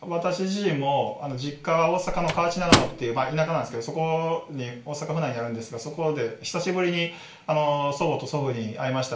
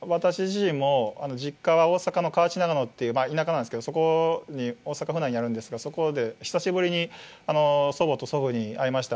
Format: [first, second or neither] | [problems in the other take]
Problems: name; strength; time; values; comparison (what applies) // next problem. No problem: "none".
second | background sound (Microwave oven); 2 dB below the speech // room echo; dies away in 0.4 s